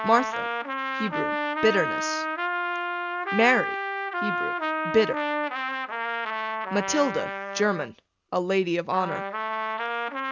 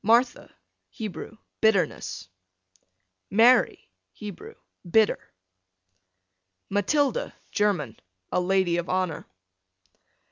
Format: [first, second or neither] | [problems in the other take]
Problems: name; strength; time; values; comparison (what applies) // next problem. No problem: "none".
second | background sound (Trumpet); 1 dB below the speech